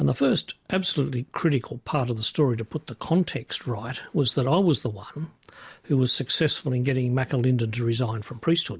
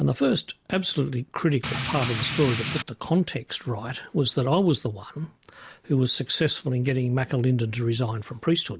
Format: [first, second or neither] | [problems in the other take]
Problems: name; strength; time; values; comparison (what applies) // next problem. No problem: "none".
first | background sound (Rain); 4 dB below the speech